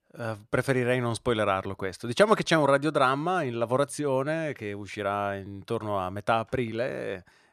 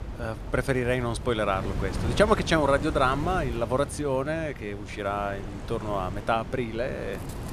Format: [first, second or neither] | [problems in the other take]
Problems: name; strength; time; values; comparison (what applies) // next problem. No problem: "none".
first | wind noise on the microphone; occasional gusts; 15 dB below the speech